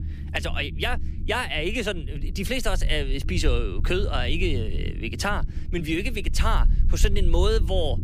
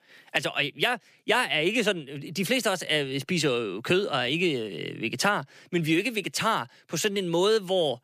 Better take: second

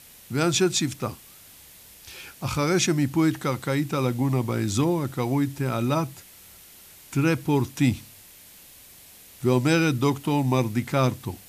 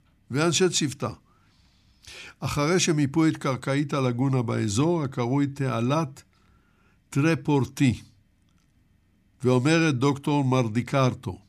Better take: second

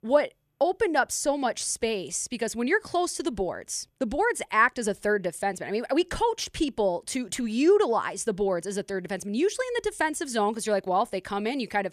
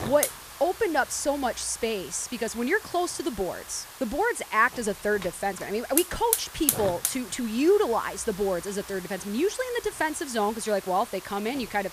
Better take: first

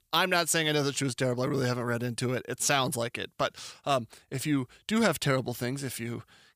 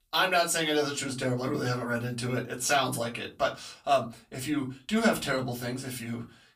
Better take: first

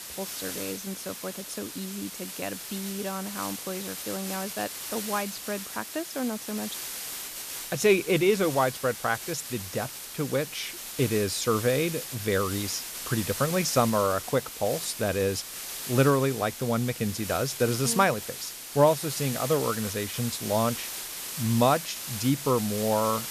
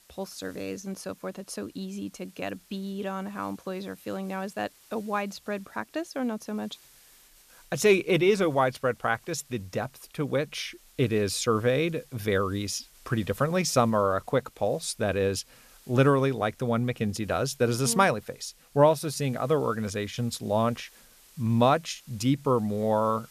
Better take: second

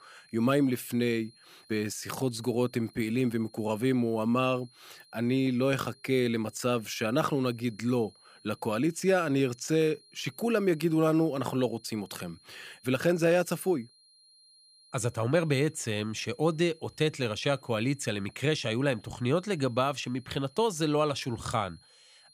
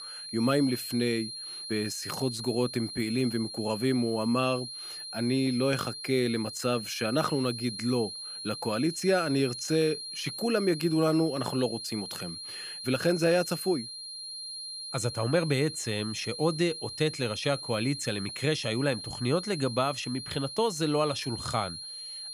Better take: first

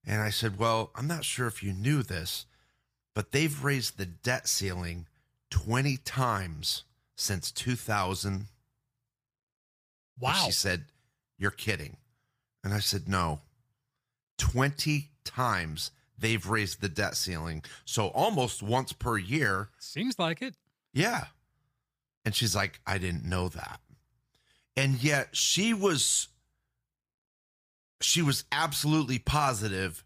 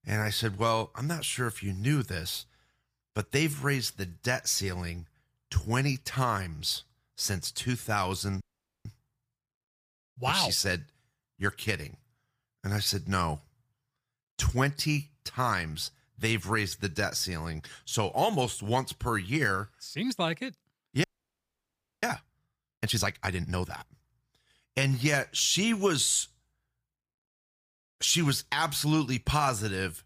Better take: first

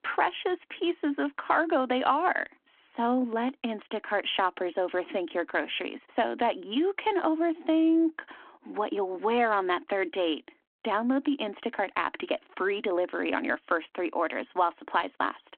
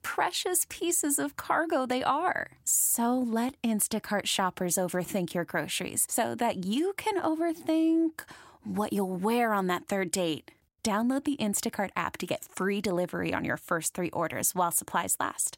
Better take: second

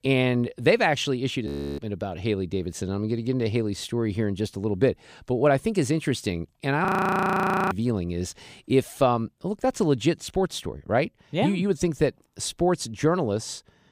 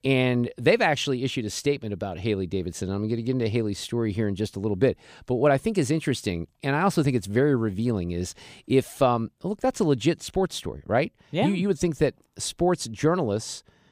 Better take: second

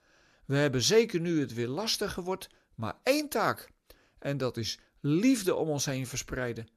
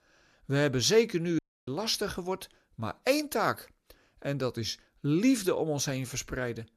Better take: first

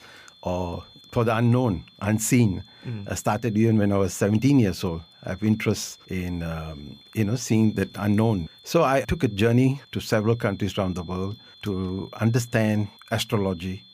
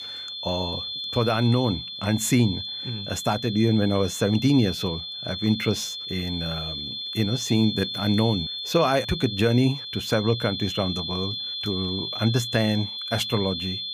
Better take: first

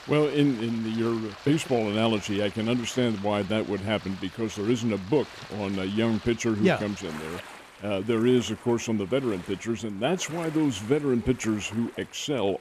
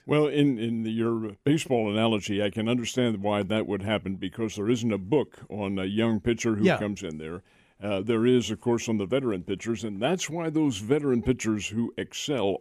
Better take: second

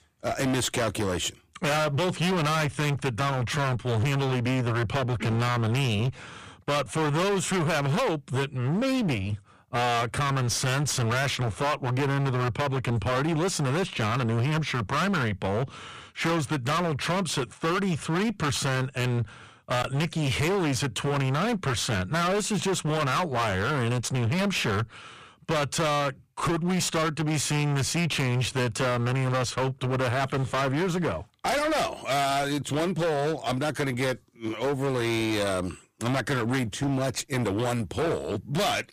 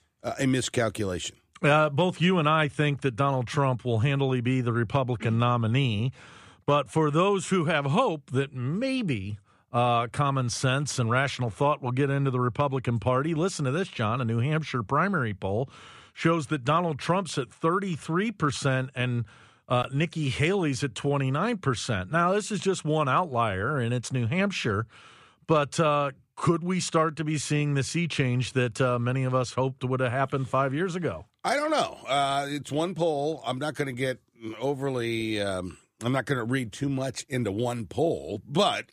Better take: second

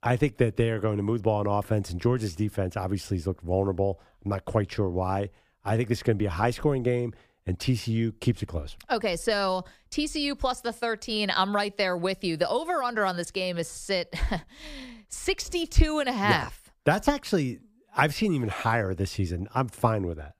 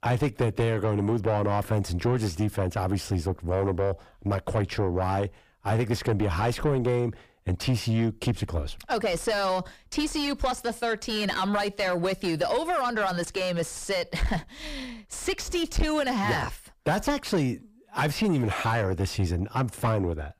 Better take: first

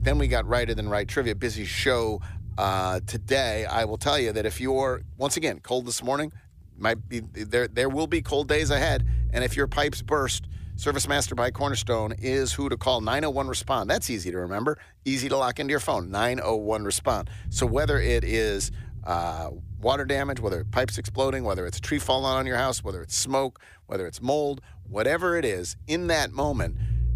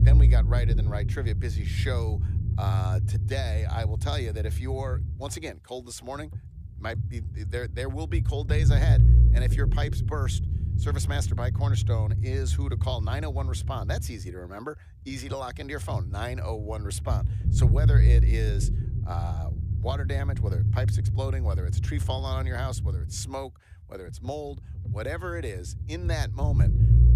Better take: first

